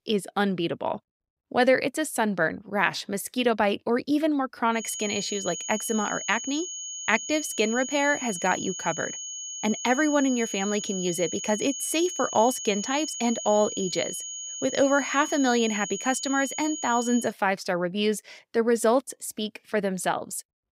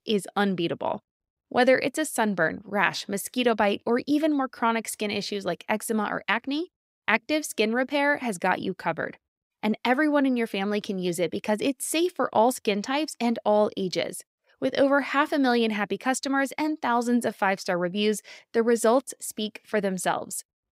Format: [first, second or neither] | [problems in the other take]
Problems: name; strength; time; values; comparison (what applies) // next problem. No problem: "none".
second | high-pitched whine; loud; from 5 to 17 s; 6.5 kHz, 7 dB below the speech